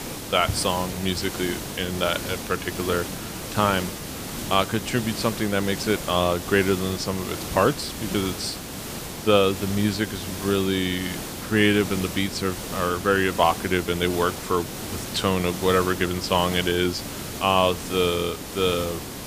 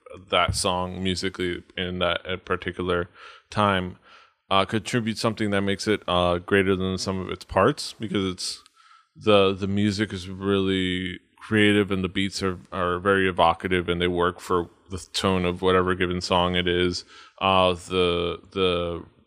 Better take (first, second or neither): second